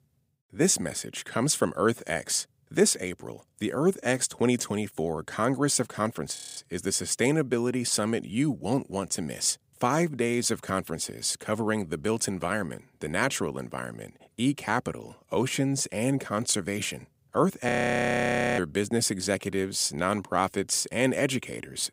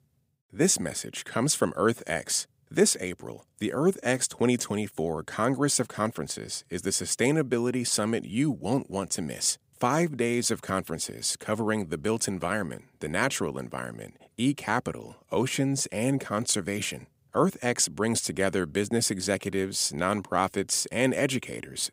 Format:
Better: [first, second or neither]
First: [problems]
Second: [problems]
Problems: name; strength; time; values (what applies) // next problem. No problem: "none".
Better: second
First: audio freezing; at 6.5 s and at 18 s for 1 s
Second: none